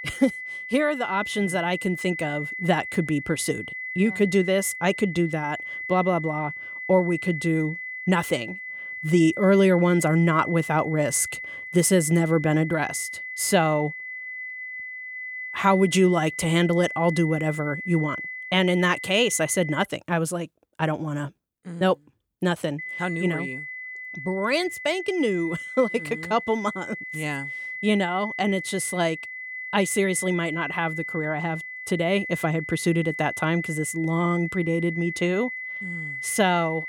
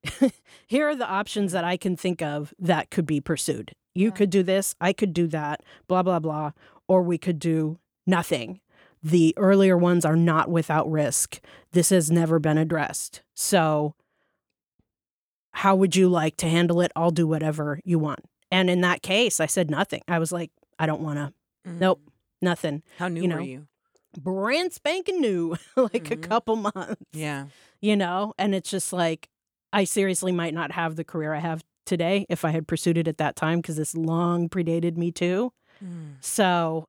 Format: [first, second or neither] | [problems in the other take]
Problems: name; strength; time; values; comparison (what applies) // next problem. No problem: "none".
second | high-pitched whine; loud; until 20 s and from 23 s on; 2 kHz, 8 dB below the speech